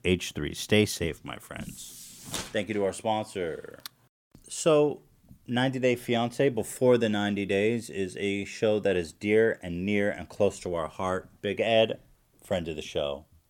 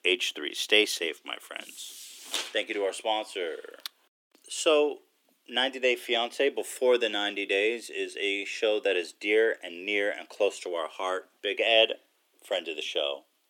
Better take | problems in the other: first | thin; somewhat; fading below 300 Hz

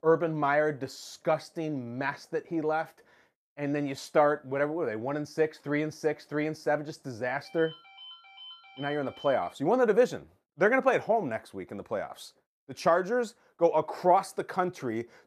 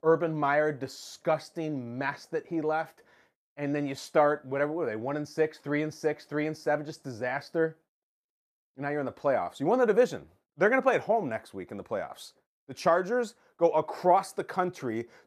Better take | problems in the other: second | phone ringing; faint; from 7.5 to 9.5 s; peak 15 dB below the speech

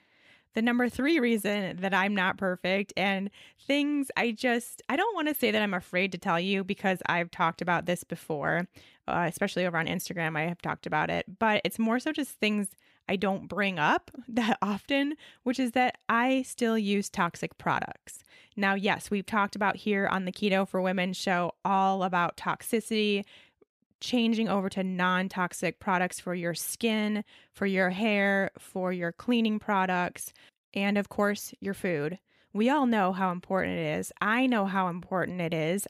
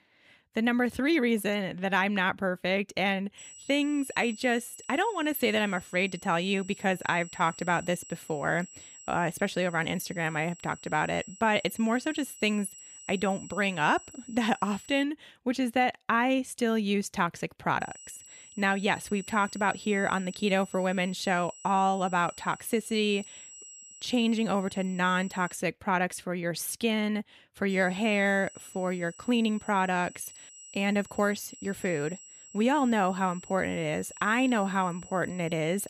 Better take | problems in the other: first | high-pitched whine; noticeable; from 3.5 to 15 s, from 18 to 26 s and from 28 s on; 8 kHz, 20 dB below the speech

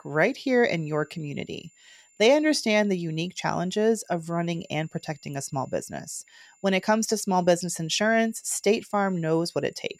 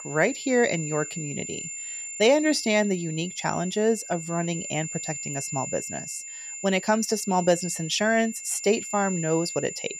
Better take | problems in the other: first | high-pitched whine; loud; throughout; 7 kHz, 8 dB below the speech; faint in the first

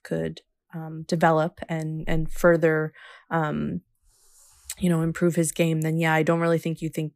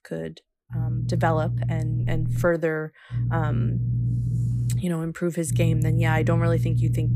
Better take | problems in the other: first | low rumble; loud; from 0.5 to 2.5 s, from 3 to 5 s and from 5.5 s on; 9 dB below the speech

